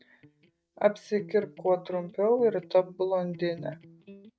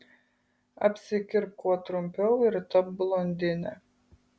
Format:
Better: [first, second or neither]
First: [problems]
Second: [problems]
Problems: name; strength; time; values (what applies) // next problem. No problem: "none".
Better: second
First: noise reduction (neural mask model DeepFilterNet 3)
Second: none